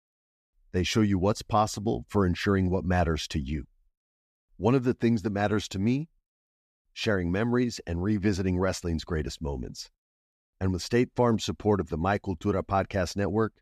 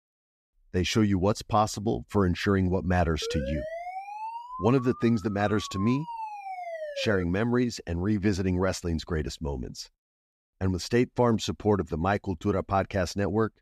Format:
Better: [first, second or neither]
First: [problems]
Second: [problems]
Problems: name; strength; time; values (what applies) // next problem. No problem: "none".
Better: first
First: none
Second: siren; noticeable; from 3 to 7 s; peak 7 dB below the speech